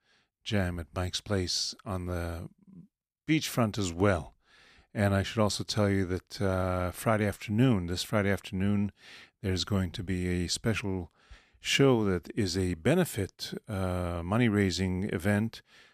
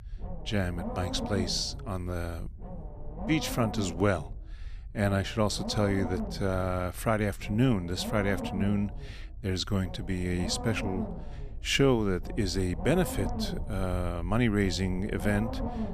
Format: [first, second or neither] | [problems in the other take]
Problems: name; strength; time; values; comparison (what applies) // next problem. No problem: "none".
first | low rumble; loud; throughout; 10 dB below the speech